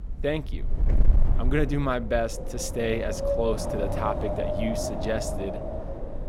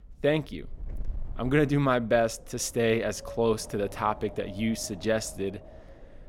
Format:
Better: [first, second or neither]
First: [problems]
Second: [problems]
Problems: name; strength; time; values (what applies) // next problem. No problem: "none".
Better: second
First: wind noise on the microphone; heavy; 2 dB below the speech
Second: wind noise on the microphone; occasional gusts; 20 dB below the speech